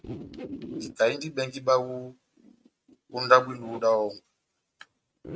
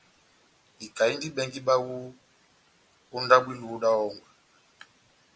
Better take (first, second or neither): second